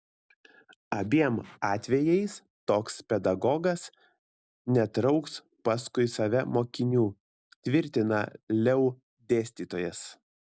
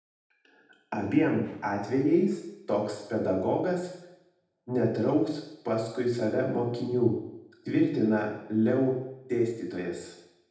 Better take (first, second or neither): first